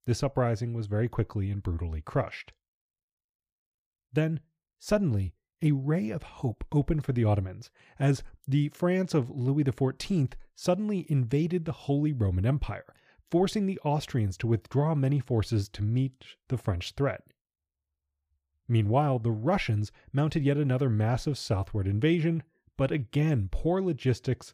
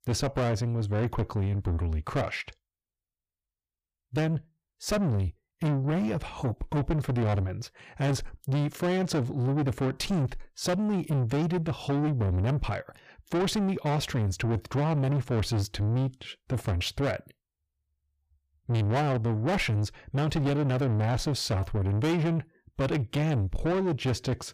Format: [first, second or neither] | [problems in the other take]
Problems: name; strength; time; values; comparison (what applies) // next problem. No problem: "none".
first | distortion; heavy; 7 dB below the speech